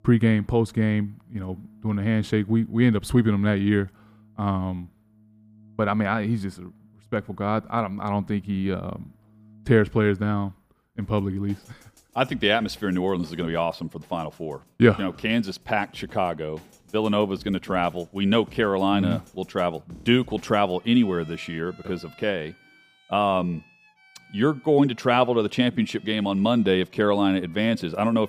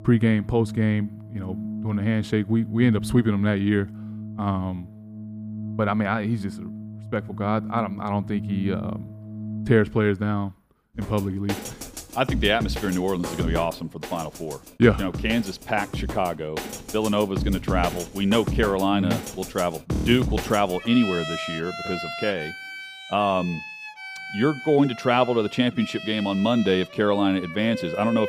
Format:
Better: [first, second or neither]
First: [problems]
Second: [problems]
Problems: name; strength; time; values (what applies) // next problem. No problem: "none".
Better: first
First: background music; faint; throughout; 30 dB below the speech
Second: background music; loud; throughout; 9 dB below the speech